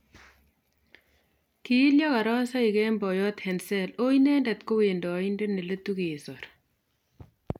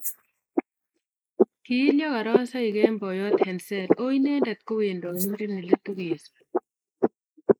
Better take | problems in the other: first | noise reduction (neural mask model Resemble Enhance denoiser)

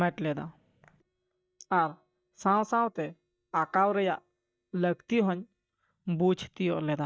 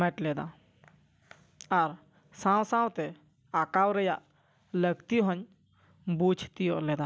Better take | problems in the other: second | noise reduction (neural mask model DeepFilterNet 3)

